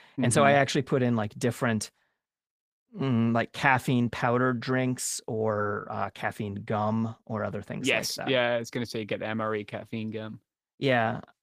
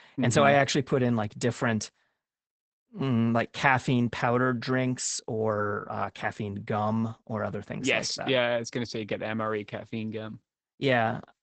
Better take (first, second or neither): first